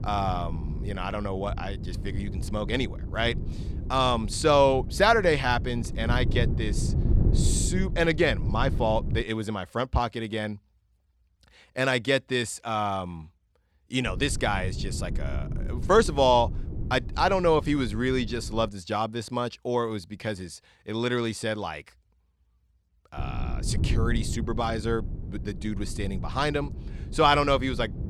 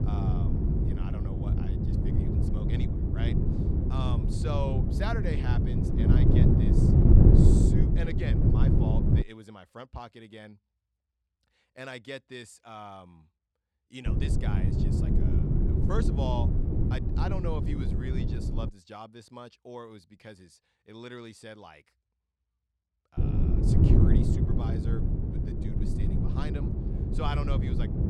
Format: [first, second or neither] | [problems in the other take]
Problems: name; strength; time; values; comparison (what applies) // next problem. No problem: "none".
first | wind noise on the microphone; heavy; until 9 s, from 14 to 19 s and from 23 s on; 4 dB above the speech; occasional gusts in the first